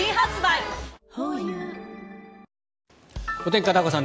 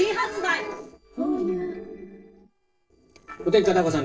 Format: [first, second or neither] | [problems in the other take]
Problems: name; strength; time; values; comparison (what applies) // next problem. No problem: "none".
first | noise reduction (neural separator model SepFormer DNS4)